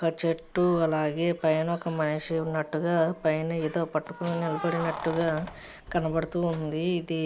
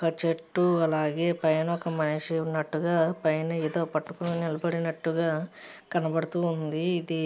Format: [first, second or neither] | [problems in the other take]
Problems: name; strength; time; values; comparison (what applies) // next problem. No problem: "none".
second | background sound (Keys jangling); 16 dB below the speech